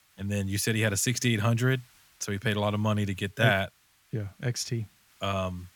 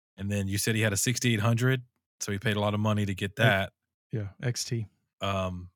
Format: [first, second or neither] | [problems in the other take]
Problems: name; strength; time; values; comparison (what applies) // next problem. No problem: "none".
second | hiss; faint; throughout; 30 dB below the speech